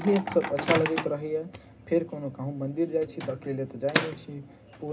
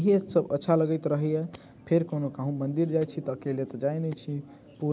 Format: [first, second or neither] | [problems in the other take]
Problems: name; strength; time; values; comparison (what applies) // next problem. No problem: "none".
second | background sound (Microwave oven); 6 dB below the speech // room echo; dies away in 0.2 s